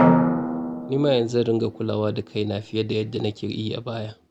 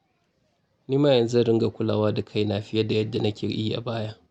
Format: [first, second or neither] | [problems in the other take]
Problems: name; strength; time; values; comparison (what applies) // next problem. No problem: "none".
second | background sound (Drum); 1 dB below the speech